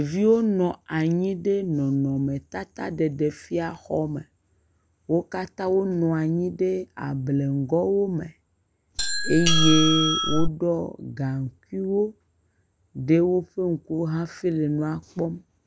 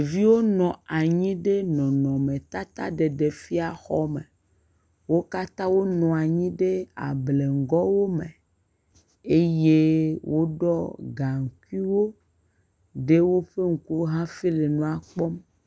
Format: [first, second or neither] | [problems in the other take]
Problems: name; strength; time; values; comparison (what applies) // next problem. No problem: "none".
second | background sound (Doorbell); 4 dB above the speech